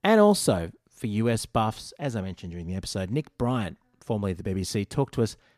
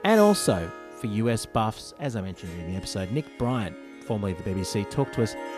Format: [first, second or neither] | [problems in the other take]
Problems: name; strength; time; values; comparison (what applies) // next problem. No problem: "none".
first | background music; noticeable; throughout; 15 dB below the speech